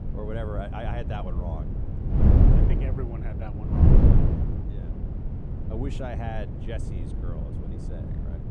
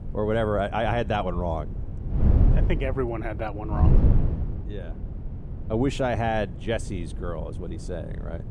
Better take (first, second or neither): second